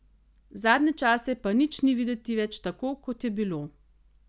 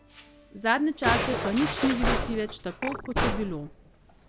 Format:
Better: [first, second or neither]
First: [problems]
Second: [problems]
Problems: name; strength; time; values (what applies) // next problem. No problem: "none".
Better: first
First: none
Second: background sound (Musical instrument); 2 dB below the speech